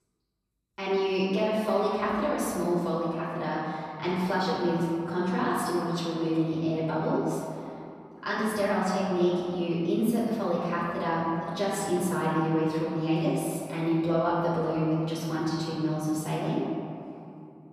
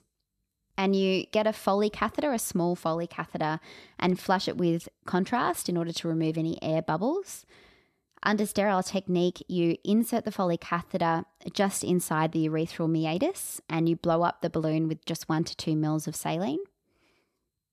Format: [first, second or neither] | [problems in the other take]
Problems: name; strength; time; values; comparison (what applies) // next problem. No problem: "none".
second | off-mic speech; far // room echo; strong; dies away in 2.5 s